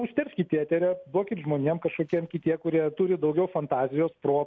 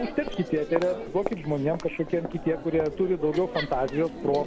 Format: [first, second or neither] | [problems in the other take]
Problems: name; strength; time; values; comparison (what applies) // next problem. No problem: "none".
first | background sound (Crowd); 9 dB below the speech